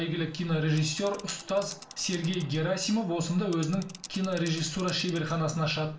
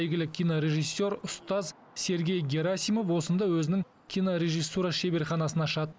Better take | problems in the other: second | background sound (Mechanisms / Bicycle); 19 dB below the speech // room echo; dies away in 0.4 s

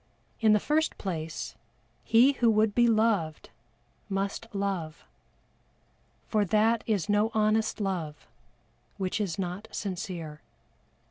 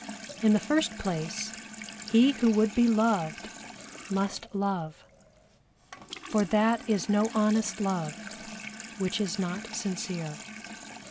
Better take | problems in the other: first | background sound (Sink (filling or washing) / Water tap, faucet); 14 dB below the speech

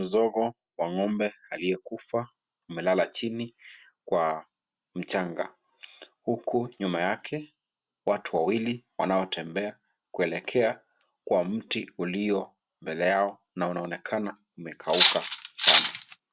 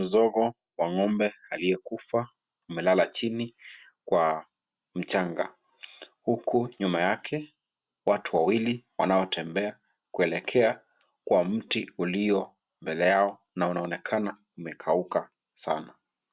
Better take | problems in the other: second | background sound (Cutlery, silverware); 4 dB above the speech

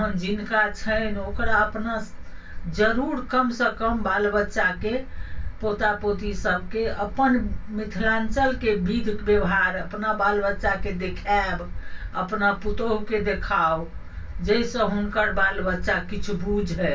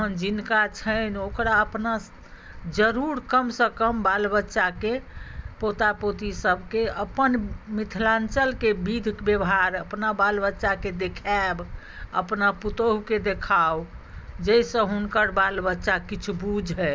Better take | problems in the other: second | room echo; dies away in 0.2 s

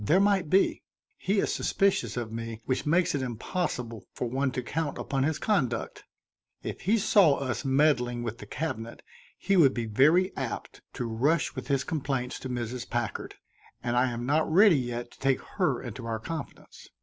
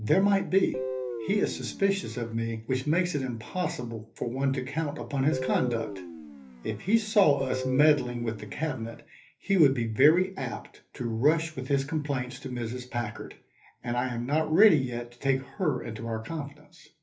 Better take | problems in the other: first | background sound (Guitar); 9 dB below the speech // room echo; dies away in 0.3 s

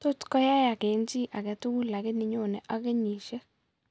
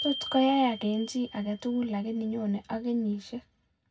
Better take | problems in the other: first | background sound (Glockenspiel); 14 dB below the speech // room echo; dies away in 0.4 s

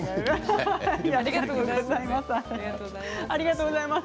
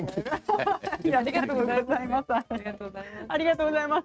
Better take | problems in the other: first | noise reduction (neural mask model RNNoise)

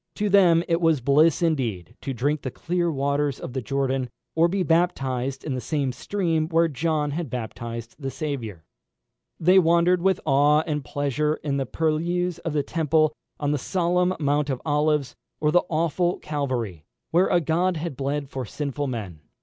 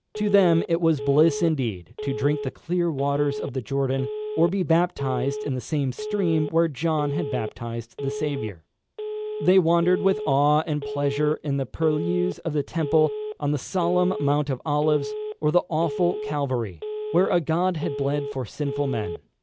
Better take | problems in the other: first | background sound (Telephone); 9 dB below the speech

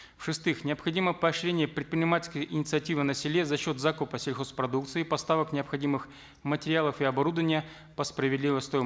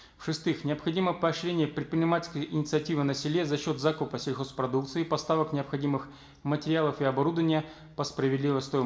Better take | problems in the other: first | room echo; dies away in 0.6 s

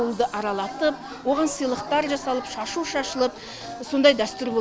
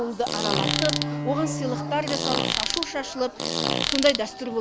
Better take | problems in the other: first | background sound (Fart + Bowed string instrument); as loud as the speech

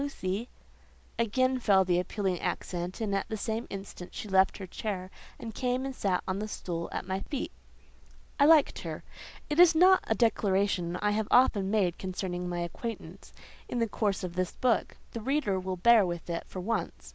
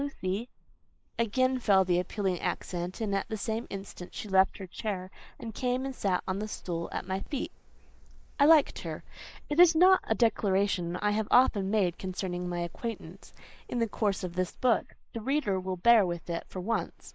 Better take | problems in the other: first | noise reduction (neural mask model Resemble Enhance denoiser)

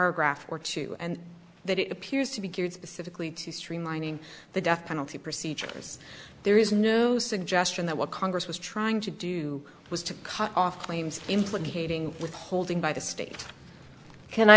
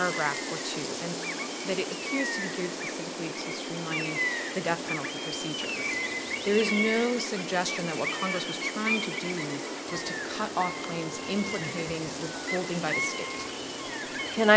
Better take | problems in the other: first | background sound (Gull, seagull); 2 dB below the speech

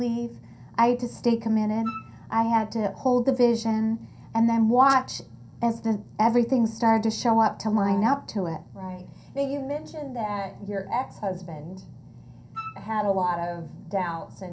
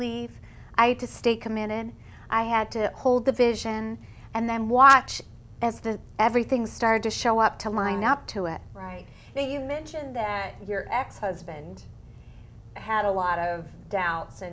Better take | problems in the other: second | background sound (Wind instrument, woodwind instrument); 15 dB below the speech // room echo; dies away in 0.3 s

